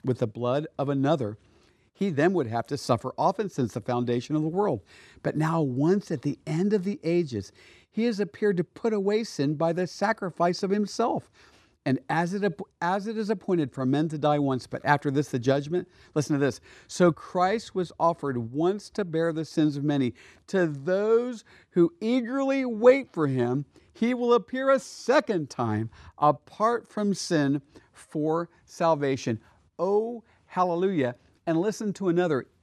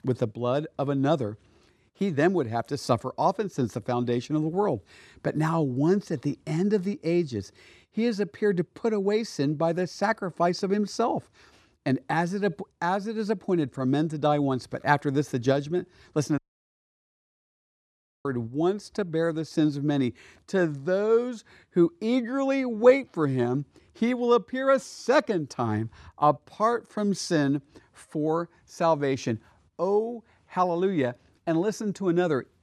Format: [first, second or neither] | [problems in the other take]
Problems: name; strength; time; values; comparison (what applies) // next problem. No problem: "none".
first | audio cutting out; at 16 s for 2 s